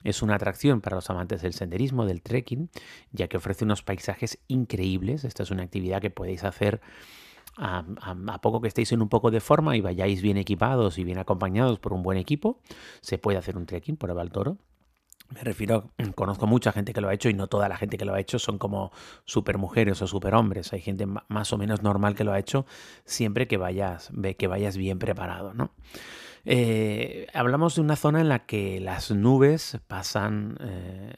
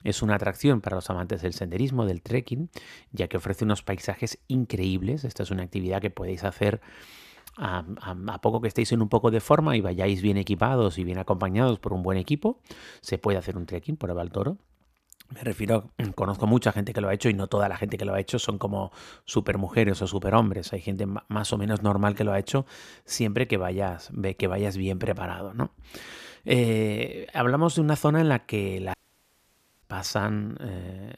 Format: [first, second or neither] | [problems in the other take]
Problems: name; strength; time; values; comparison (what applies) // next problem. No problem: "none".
first | audio cutting out; at 29 s for 1 s